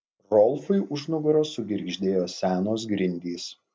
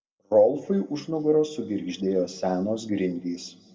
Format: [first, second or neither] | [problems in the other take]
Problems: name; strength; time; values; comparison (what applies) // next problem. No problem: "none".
first | room echo; dies away in 1.2 s